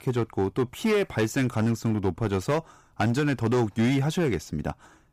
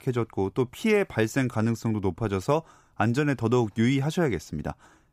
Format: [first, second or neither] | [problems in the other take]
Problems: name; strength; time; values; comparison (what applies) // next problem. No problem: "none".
second | distortion; slight; 9% of the sound clipped